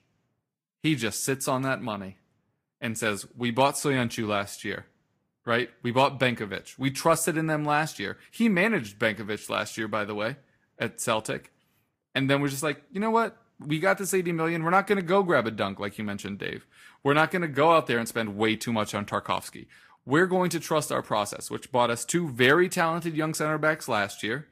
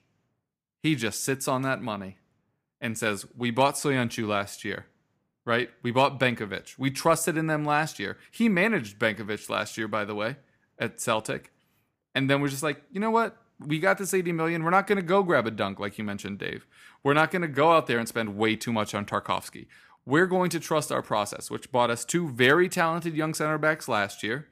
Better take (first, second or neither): second